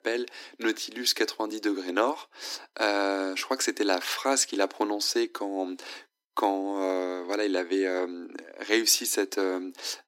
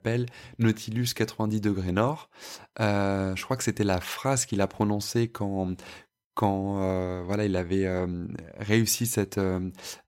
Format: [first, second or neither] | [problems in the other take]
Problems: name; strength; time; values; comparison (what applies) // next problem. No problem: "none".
second | thin; somewhat; fading below 250 Hz